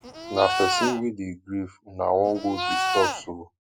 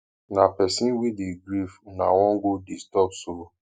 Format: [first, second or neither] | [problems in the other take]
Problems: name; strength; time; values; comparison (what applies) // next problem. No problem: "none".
second | background sound (Livestock, farm animals, working animals); 1 dB below the speech